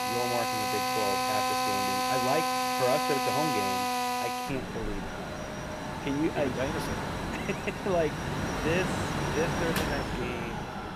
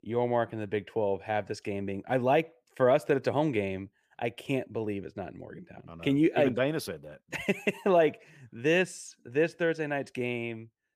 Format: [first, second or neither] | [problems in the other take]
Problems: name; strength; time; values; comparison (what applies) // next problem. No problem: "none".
second | machinery noise; very loud; throughout; 3 dB above the speech